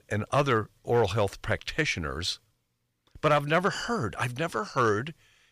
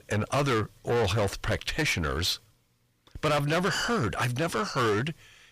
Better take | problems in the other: first | distortion; heavy; 6 dB below the speech

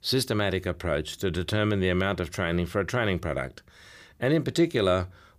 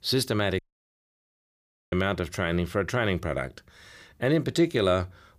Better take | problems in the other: first | audio cutting out; at 0.5 s for 1.5 s

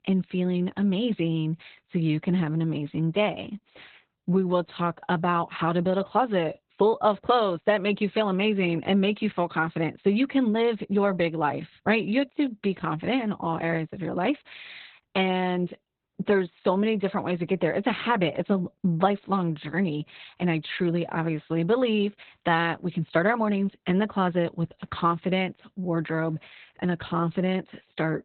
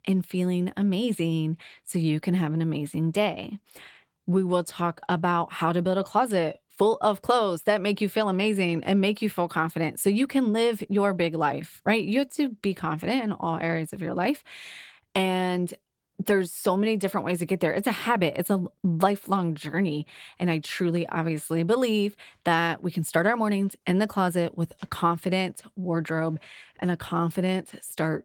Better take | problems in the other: second | garbled, watery; badly; nothing above 4 kHz; slightly in the second

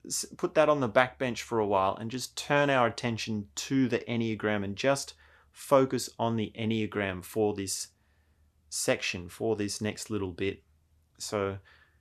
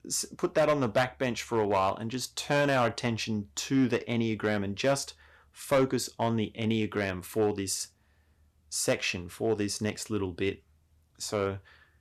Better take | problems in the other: first | distortion; slight; 2% of the sound clipped

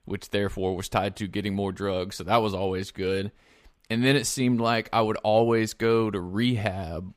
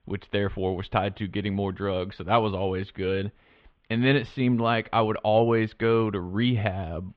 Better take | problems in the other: first | muffled; very; fading above 3.5 kHz

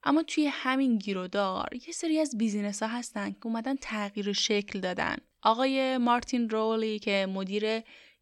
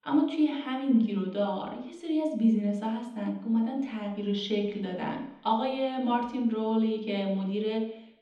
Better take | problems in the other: first | room echo; noticeable; dies away in 1 s // off-mic speech; far

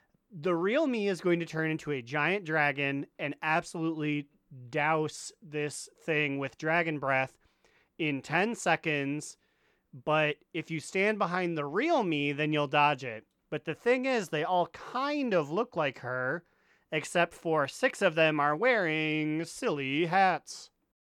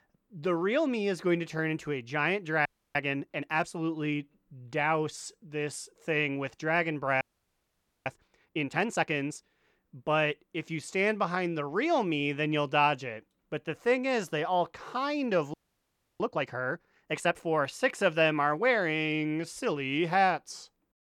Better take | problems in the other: first | audio freezing; at 2.5 s, at 7 s for 1 s and at 16 s for 0.5 s

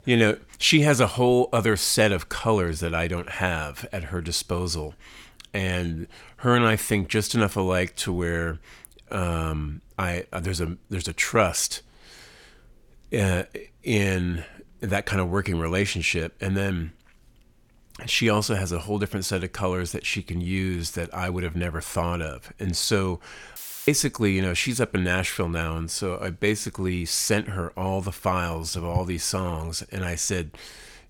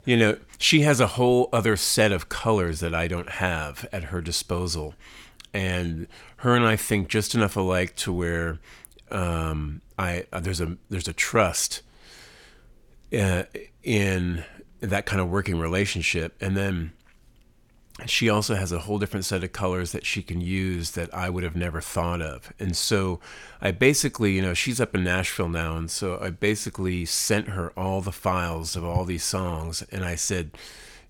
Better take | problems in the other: second | audio cutting out; filled with static; at 24 s

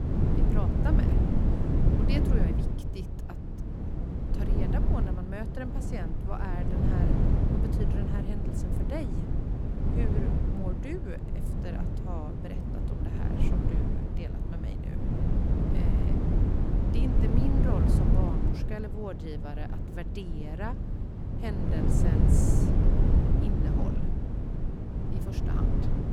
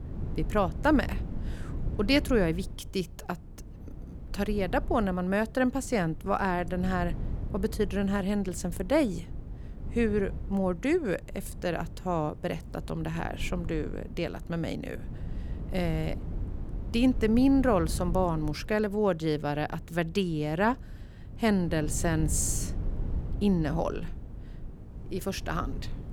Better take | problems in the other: second | wind noise on the microphone; heavy; 3 dB above the speech; occasional gusts in the second

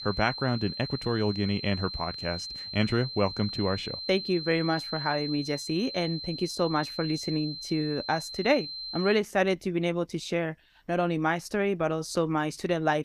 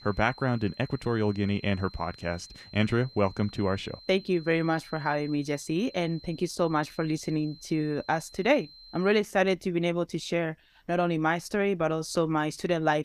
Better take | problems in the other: second | high-pitched whine; loud; until 9 s; 4 kHz, 7 dB below the speech; faint in the second

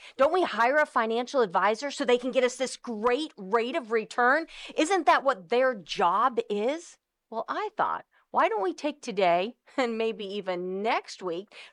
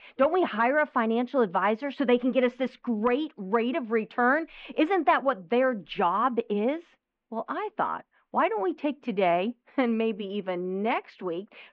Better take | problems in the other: first | muffled; very; fading above 3 kHz

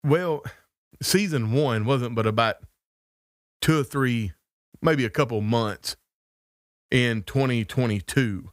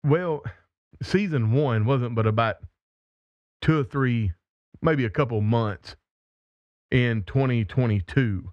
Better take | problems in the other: first | muffled; slightly; fading above 2.5 kHz

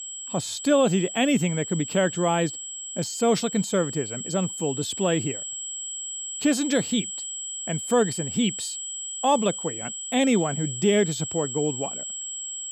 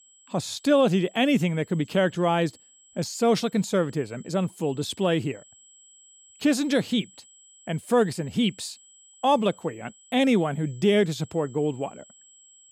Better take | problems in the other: second | high-pitched whine; loud; throughout; 7.5 kHz, 6 dB below the speech; faint in the second

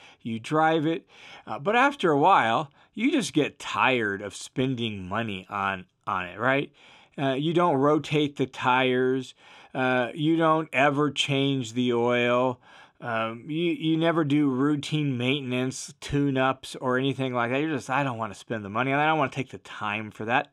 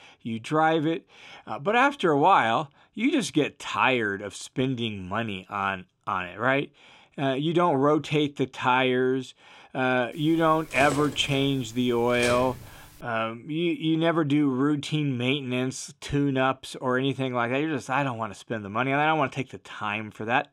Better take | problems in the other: first | clattering dishes; noticeable; from 10 to 13 s; peak 7 dB below the speech

